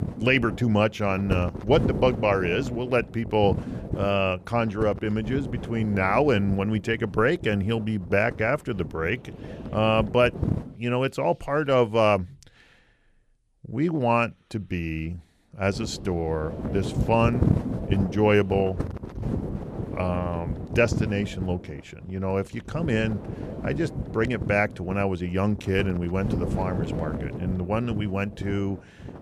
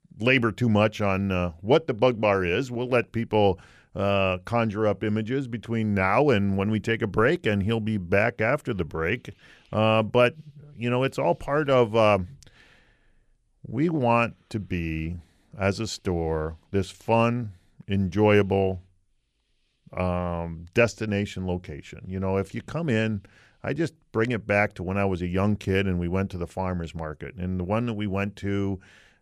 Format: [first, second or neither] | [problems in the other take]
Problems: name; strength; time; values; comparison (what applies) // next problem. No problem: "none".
second | wind noise on the microphone; occasional gusts; until 11 s and from 16 s on; 15 dB below the speech